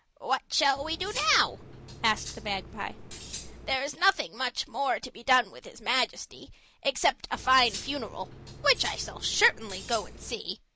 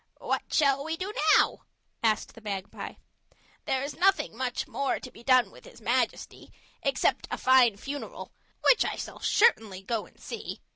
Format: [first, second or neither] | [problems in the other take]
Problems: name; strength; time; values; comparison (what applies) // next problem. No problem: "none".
second | background sound (Cutlery, silverware); 13 dB below the speech